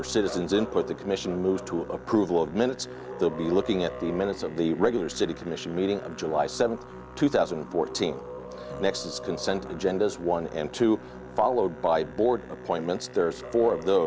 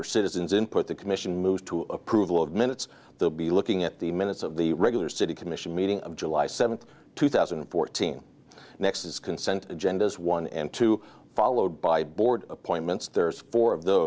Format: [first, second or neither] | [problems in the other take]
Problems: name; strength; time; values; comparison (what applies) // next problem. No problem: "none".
second | background sound (Musical instrument); 13 dB below the speech